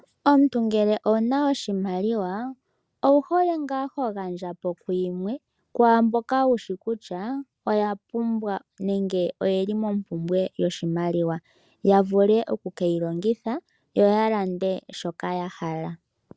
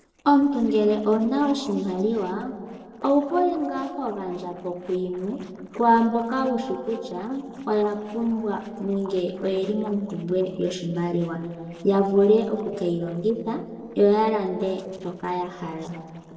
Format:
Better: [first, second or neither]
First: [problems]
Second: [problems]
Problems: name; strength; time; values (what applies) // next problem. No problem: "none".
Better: first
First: none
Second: noise reduction (neural separator model SepFormer DNS4)